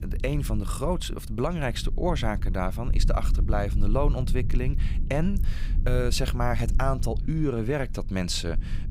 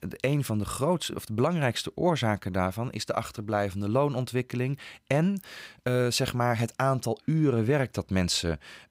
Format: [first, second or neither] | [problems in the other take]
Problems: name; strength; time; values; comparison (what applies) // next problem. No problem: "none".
second | low rumble; noticeable; throughout; 15 dB below the speech